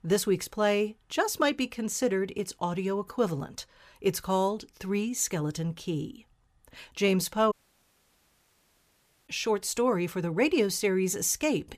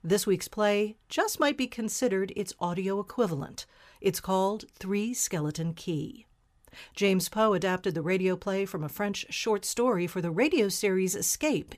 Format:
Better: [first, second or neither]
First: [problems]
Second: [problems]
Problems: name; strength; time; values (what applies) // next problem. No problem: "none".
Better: second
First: audio cutting out; at 7.5 s for 2 s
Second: none